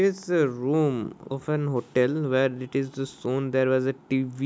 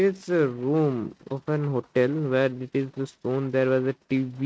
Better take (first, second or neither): first